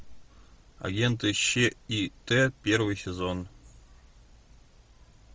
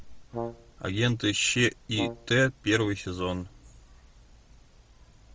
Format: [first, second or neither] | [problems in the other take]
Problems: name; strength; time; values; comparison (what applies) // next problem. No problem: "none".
first | background sound (Brass instrument); 12 dB below the speech